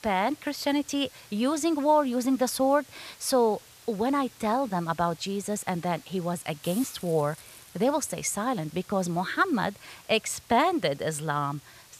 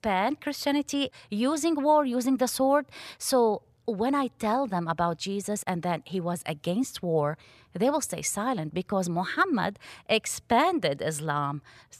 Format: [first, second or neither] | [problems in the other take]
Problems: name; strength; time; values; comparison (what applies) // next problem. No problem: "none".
second | hiss; faint; throughout; 20 dB below the speech